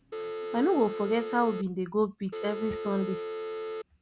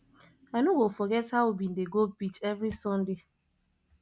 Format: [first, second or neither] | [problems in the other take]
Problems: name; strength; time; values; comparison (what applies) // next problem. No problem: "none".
second | background sound (Telephone); 5 dB below the speech